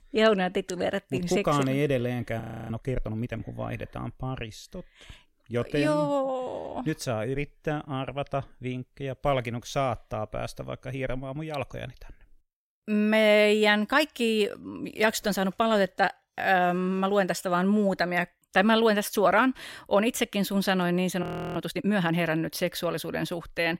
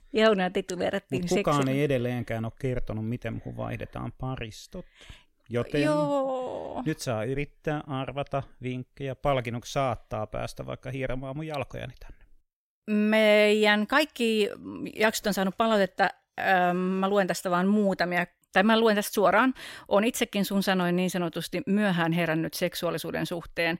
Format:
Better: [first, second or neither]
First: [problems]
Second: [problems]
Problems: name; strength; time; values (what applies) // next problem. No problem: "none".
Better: second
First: audio freezing; at 2.5 s and at 21 s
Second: none